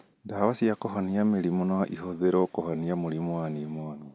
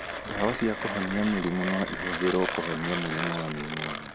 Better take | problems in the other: first | background sound (Mechanisms); 4 dB below the speech

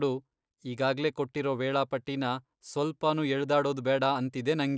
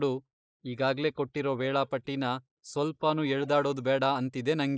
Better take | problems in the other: first | noise reduction (neural mask model Resemble Enhance denoiser)

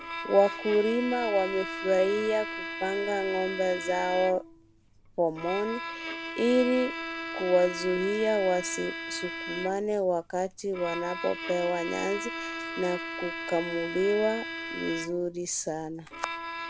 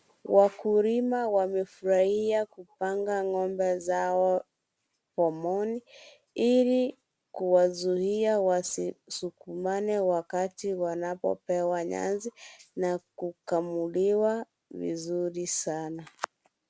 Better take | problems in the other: second | background sound (Bowed string instrument); 8 dB below the speech

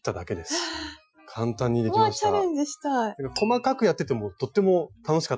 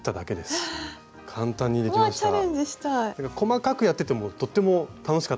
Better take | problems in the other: second | noise reduction (classical method Wiener filter)

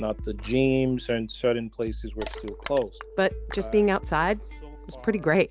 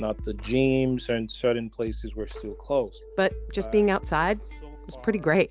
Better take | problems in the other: second | background sound (Crushing); 17 dB below the speech

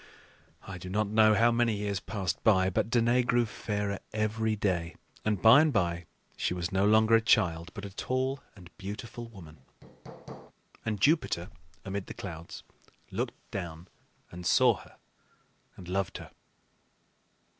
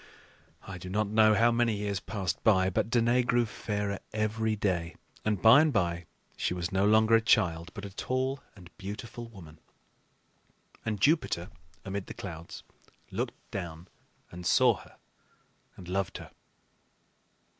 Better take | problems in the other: second | background sound (Hammer); 15 dB below the speech

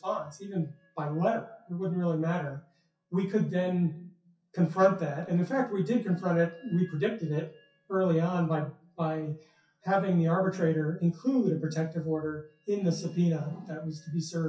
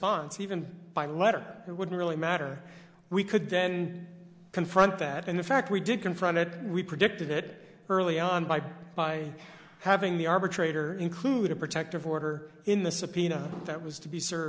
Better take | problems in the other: second | noise reduction (classical method WPE with log-MMSE)

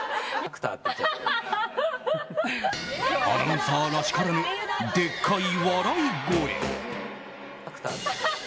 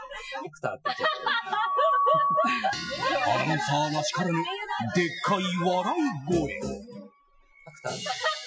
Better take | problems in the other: first | noise reduction (classical method Wiener filter)

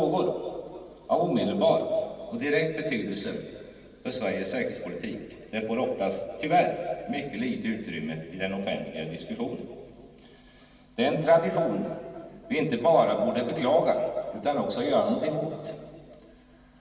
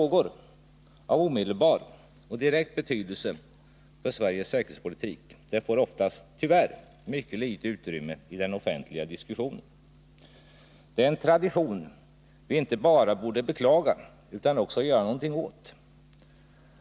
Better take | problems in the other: second | room echo; dies away in 2.3 s

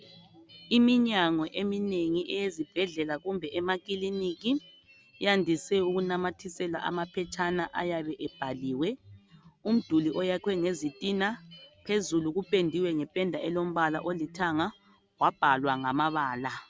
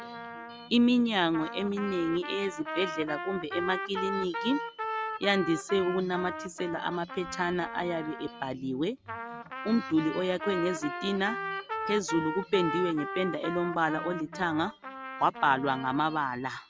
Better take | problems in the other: first | background sound (Trumpet); 8 dB below the speech

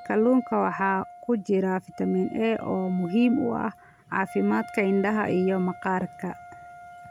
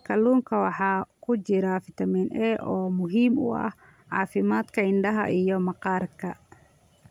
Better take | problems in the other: second | background sound (Wind instrument, woodwind instrument); 17 dB below the speech

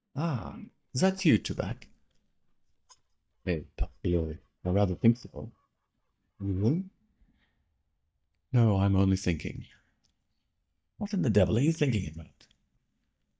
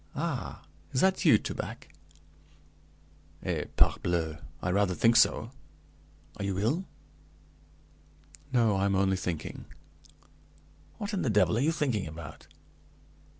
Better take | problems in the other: second | noise reduction (neural mask model DeepFilterNet 3)

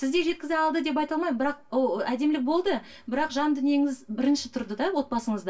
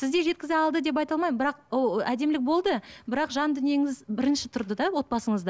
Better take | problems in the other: second | room echo; dies away in 0.2 s

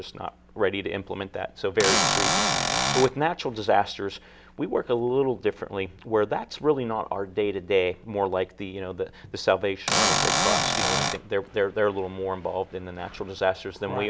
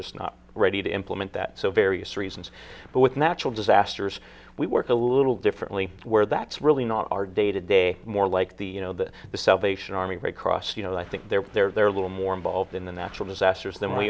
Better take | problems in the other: second | background sound (Cupboard open or close / Door); 4 dB above the speech

